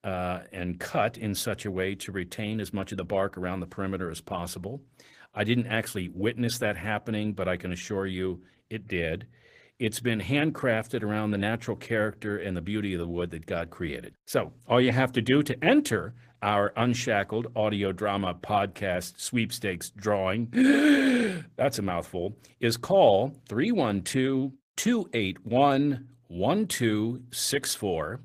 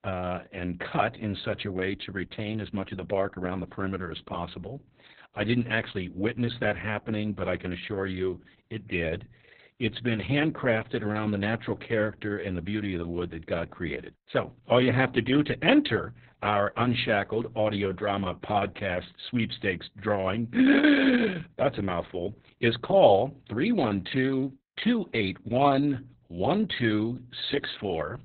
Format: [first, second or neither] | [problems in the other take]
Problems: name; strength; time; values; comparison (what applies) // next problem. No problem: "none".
first | garbled, watery; badly; nothing above 4 kHz; slightly in the first